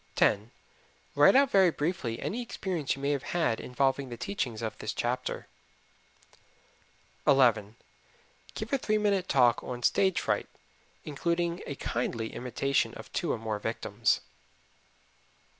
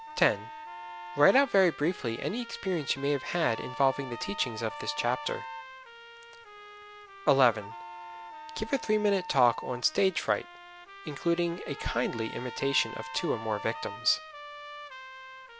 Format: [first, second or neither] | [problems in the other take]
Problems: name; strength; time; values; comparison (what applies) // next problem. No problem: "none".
first | background sound (Wind instrument, woodwind instrument + Trumpet); 12 dB below the speech